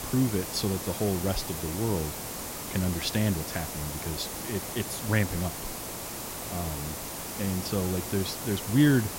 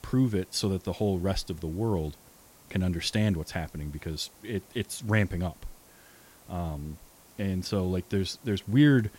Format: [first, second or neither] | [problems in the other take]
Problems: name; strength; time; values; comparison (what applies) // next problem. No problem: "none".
second | hiss; loud; throughout; 4 dB below the speech; faint in the second